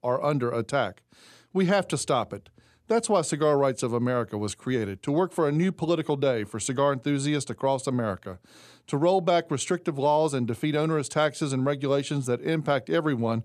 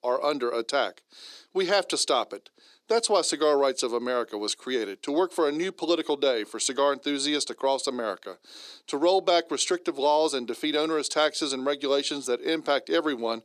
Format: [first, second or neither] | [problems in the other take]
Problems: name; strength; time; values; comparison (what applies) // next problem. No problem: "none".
first | thin; somewhat; fading below 300 Hz